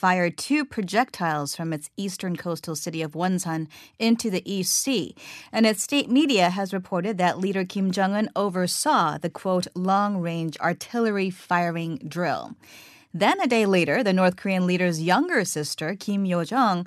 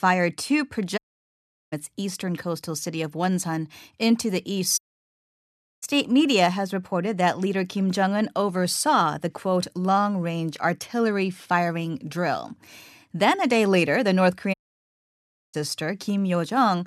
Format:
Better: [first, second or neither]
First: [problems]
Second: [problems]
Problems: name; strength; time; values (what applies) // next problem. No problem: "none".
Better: first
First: none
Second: audio cutting out; at 1 s for 0.5 s, at 5 s for 1 s and at 15 s for 1 s